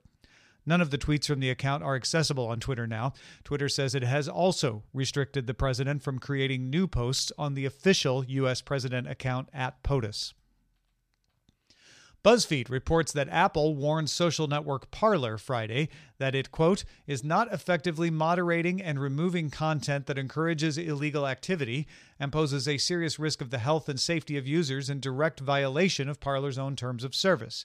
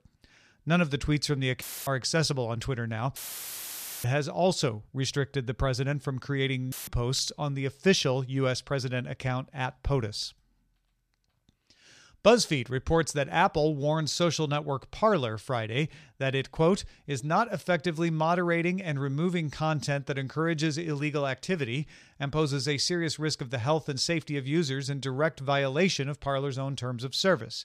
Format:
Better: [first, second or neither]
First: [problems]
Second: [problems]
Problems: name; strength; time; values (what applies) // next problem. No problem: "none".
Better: first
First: none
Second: audio cutting out; filled with static; at 1.5 s, at 3 s for 1 s and at 6.5 s